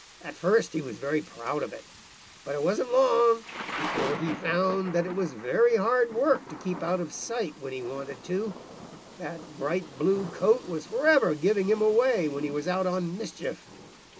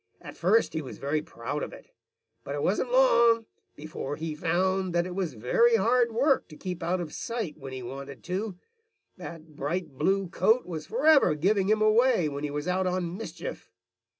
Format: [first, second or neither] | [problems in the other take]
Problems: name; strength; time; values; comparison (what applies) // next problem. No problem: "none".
second | background sound (Thunder / Rain); 15 dB below the speech